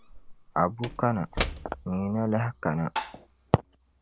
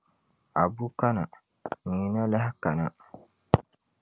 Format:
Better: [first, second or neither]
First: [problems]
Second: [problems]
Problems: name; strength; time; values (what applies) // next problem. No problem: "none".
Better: second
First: background sound (Slam / Wood + Tap); 9 dB below the speech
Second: none